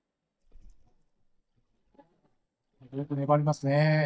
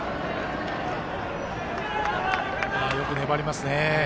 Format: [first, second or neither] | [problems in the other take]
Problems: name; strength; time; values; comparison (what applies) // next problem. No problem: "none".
second | noise reduction (neural mask model DeepFilterNet 3)